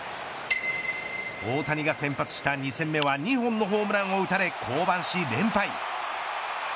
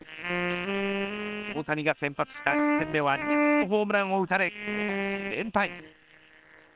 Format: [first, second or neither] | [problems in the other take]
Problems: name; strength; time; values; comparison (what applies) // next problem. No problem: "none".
first | noise reduction (neural separator model SepFormer WHAM!)